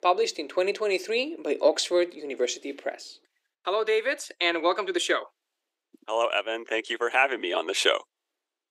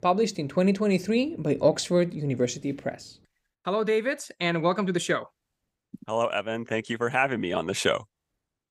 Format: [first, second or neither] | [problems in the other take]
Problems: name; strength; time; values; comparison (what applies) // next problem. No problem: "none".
second | thin; very; fading below 350 Hz